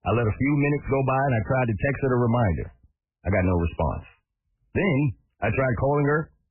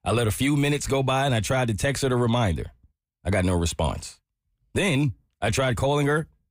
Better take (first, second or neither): second